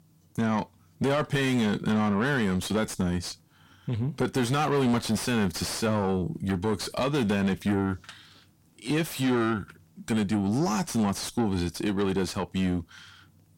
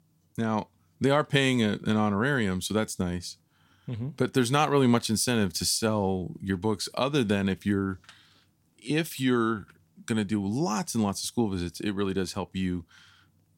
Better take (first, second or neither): second